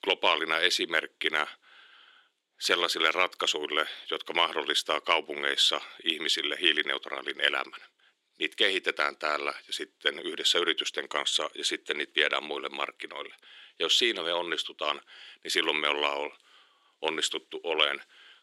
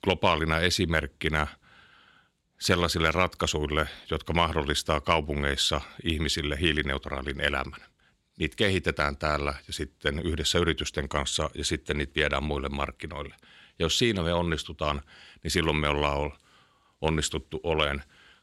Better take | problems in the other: second | thin; very; fading below 350 Hz

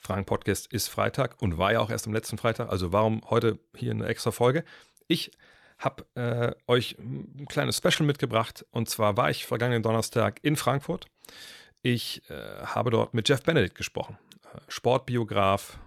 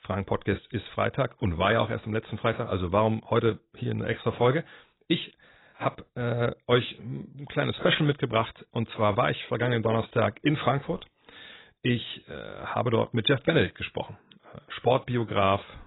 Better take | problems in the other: first | garbled, watery; badly; nothing above 4 kHz

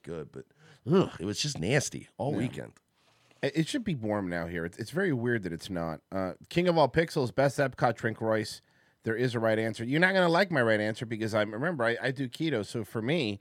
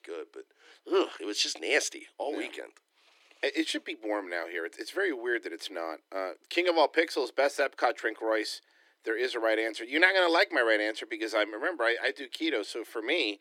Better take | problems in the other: first | thin; very; fading below 300 Hz

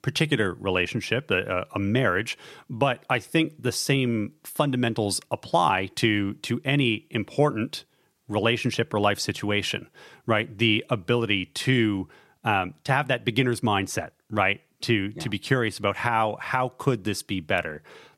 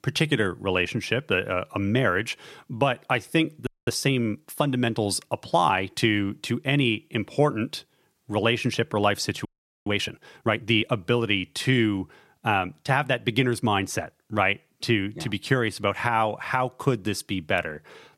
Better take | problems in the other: first | audio freezing; at 3.5 s and at 9.5 s

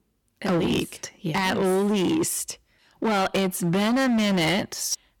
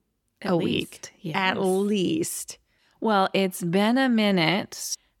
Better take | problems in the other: second | distortion; heavy; 19% of the sound clipped

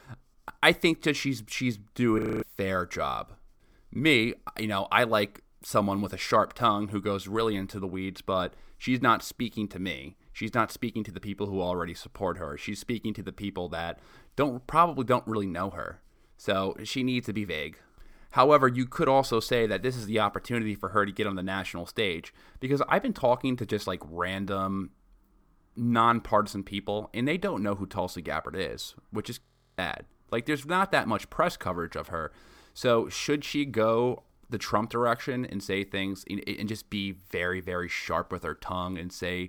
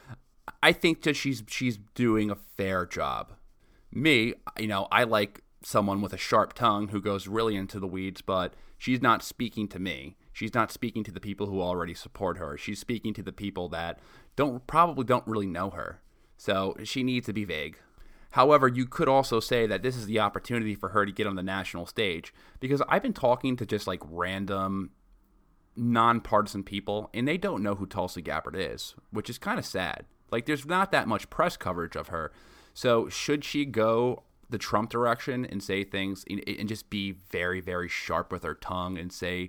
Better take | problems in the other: second | audio freezing; at 2 s and at 29 s

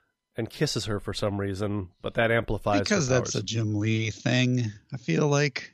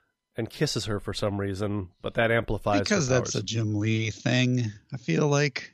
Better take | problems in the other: neither | none

